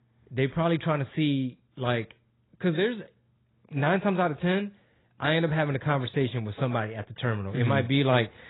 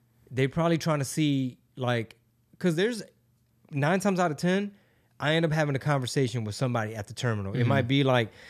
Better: second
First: garbled, watery; badly; nothing above 4 kHz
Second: none

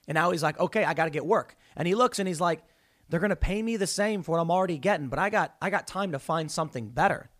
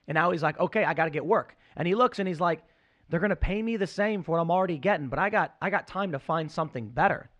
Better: first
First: none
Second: muffled; slightly; fading above 2.5 kHz

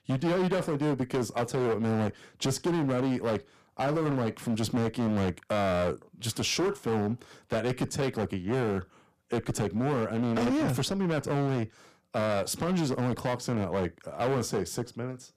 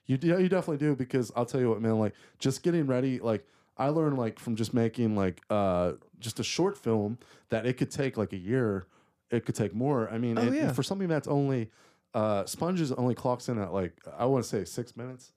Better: second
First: distortion; heavy; 17% of the sound clipped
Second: none

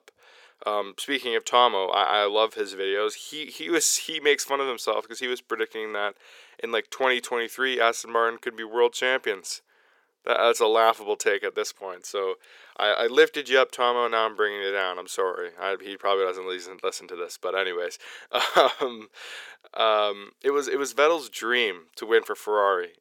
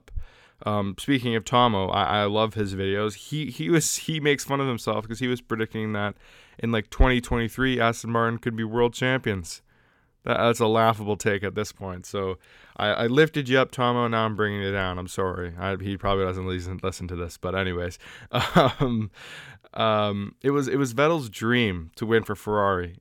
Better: second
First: thin; very; fading below 400 Hz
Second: none

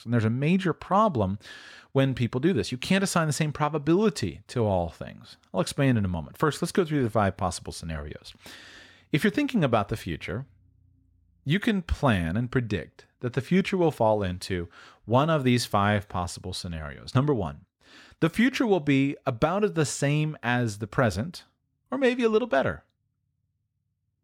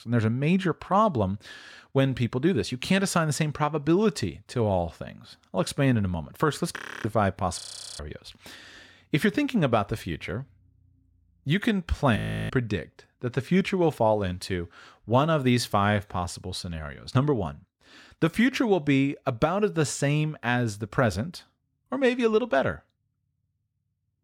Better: first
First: none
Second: audio freezing; at 7 s, at 7.5 s and at 12 s

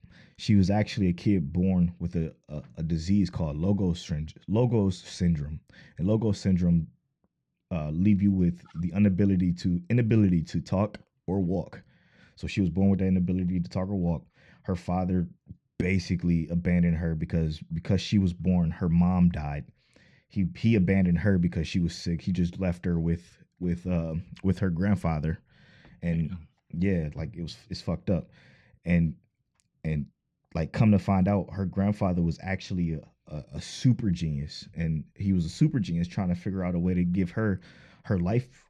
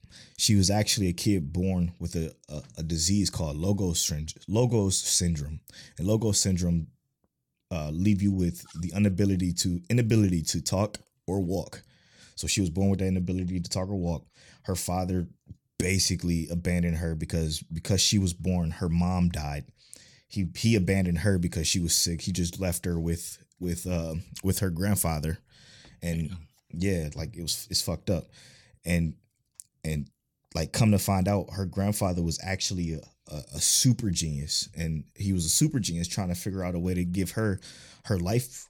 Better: second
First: muffled; very; fading above 2 kHz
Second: none

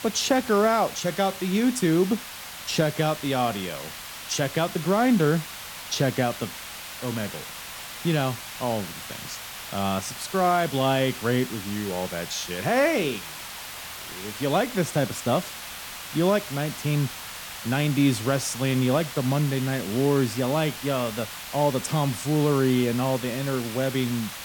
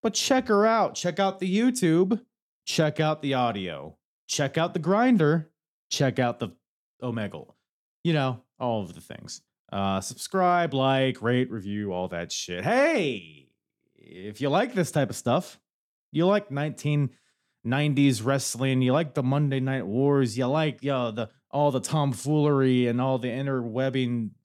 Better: second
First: hiss; noticeable; throughout; 10 dB below the speech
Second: none

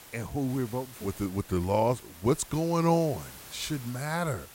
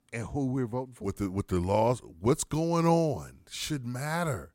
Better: second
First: hiss; noticeable; throughout; 15 dB below the speech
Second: none

